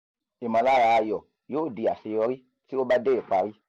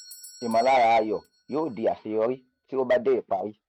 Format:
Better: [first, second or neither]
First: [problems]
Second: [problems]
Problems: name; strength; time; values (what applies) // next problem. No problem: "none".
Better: first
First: none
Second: noise reduction (neural mask model RNNoise)